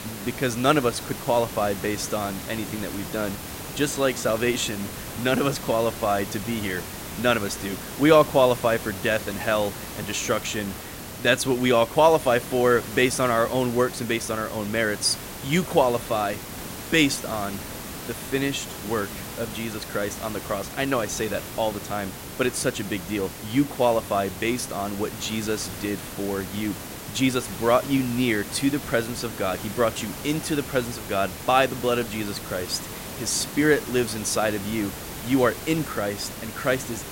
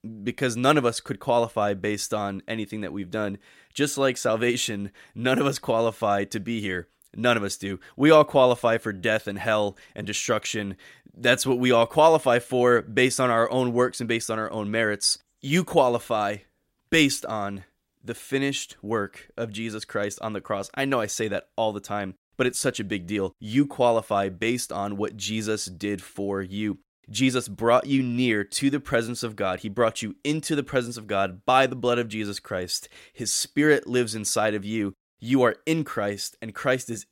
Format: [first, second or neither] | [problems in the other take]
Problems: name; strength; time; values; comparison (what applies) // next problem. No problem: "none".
second | hiss; noticeable; throughout; 10 dB below the speech